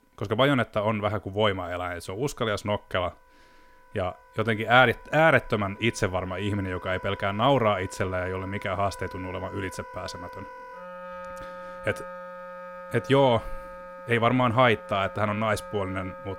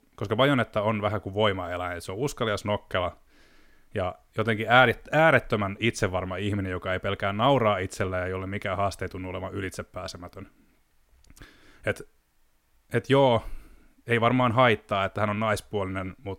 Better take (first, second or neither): second